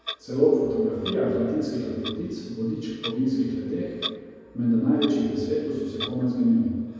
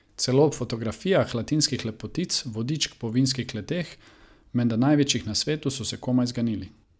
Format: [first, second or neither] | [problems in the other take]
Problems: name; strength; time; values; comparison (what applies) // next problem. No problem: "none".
second | background sound (Clock); 15 dB below the speech // room echo; dies away in 2.2 s